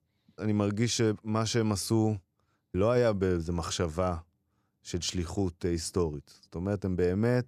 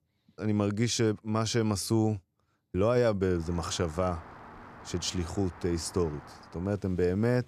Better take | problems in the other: first | rain or running water; noticeable; from 3.5 s on; 20 dB below the speech

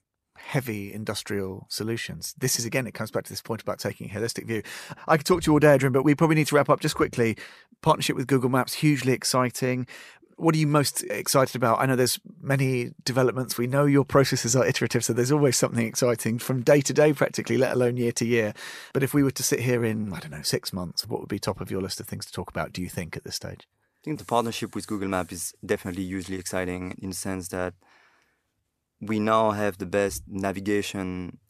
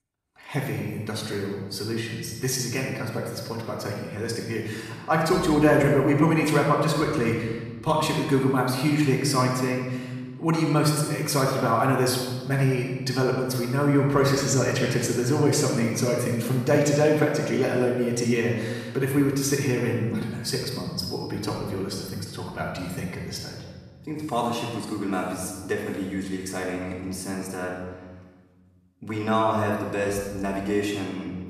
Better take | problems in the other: first | off-mic speech; far // room echo; noticeable; dies away in 1.4 s

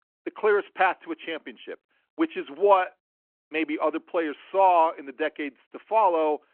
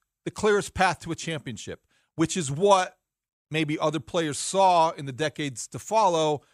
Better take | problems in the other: second | phone-call audio

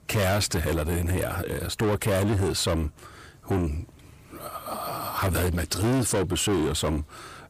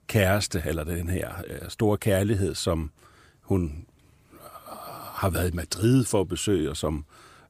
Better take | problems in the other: second | distortion; heavy; 6 dB below the speech

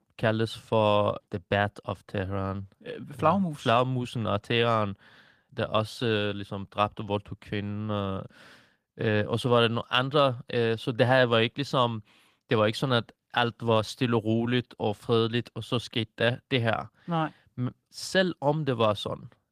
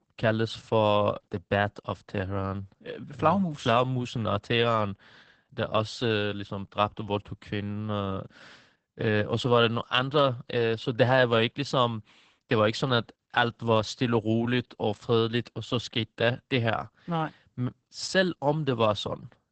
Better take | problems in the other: first | garbled, watery; badly; nothing above 8 kHz; slightly in the first

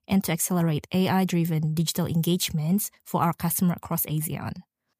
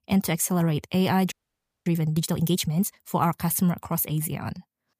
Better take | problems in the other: first | audio freezing; at 1.5 s for 0.5 s

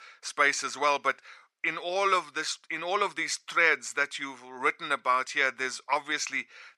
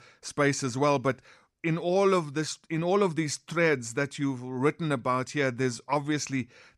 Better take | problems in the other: second | thin; very; fading below 600 Hz

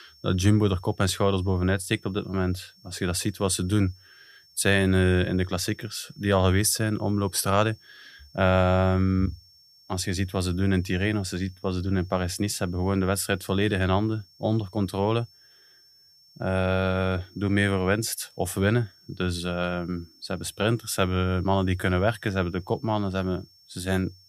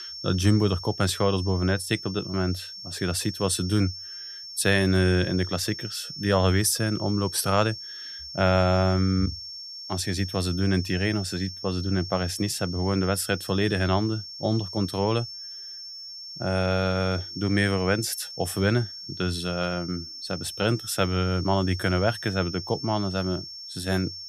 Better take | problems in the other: first | high-pitched whine; loud; throughout; 5.5 kHz, 10 dB below the speech; faint in the first

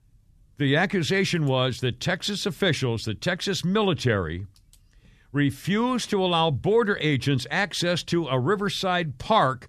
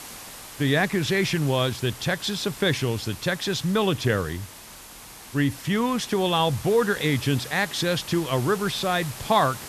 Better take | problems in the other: first | hiss; noticeable; throughout; 15 dB below the speech

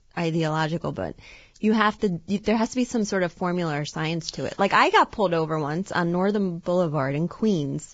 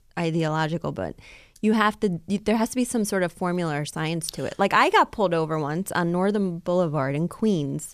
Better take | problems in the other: second | garbled, watery; badly; nothing above 7.5 kHz

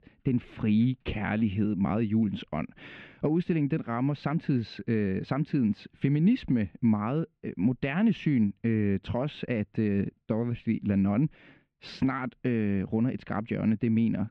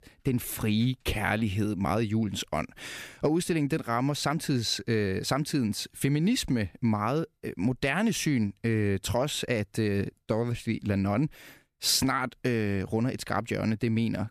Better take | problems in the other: second | muffled; very; fading above 3 kHz

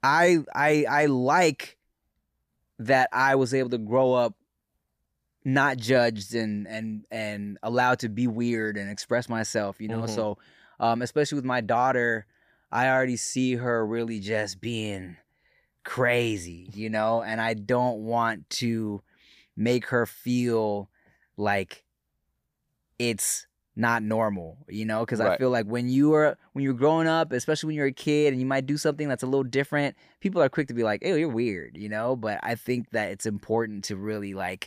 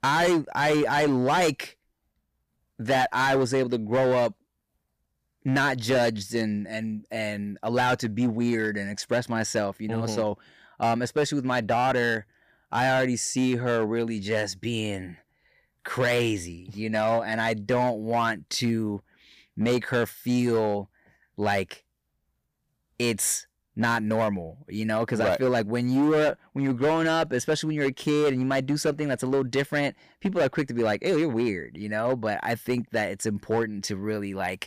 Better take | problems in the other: first | distortion; slight; 8% of the sound clipped

